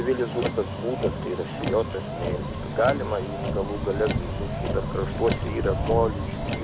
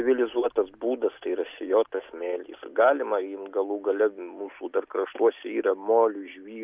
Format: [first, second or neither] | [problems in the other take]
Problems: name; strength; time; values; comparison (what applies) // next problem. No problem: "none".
second | background sound (Motor vehicle (road)); 1 dB below the speech